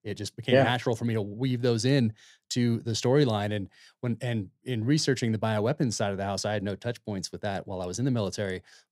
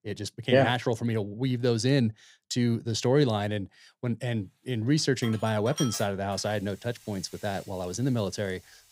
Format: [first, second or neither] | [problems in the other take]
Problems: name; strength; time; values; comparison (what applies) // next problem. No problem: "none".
first | household noises; noticeable; from 4.5 s on; 15 dB below the speech